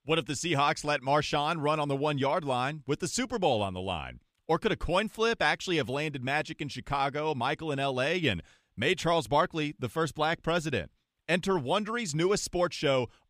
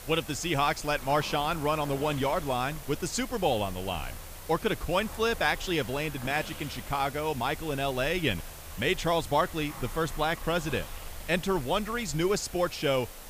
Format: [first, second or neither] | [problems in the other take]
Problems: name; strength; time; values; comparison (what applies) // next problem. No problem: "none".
first | hiss; noticeable; throughout; 15 dB below the speech